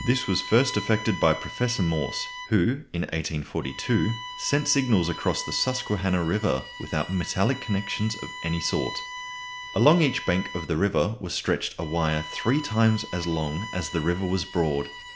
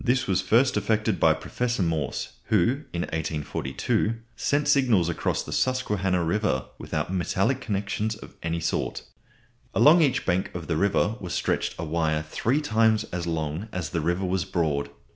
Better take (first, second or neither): second